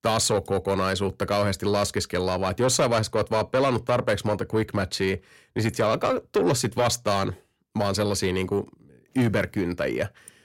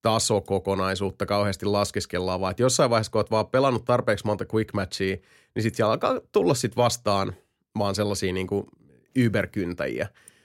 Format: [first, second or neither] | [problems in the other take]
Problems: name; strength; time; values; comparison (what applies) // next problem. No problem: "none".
second | distortion; slight; 10 dB below the speech